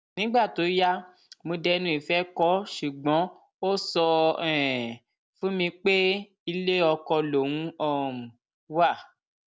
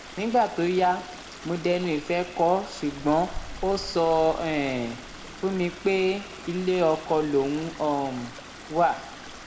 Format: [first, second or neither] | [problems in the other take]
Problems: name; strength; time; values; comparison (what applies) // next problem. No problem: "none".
first | background sound (Stream); 14 dB below the speech // room echo; dies away in 1.1 s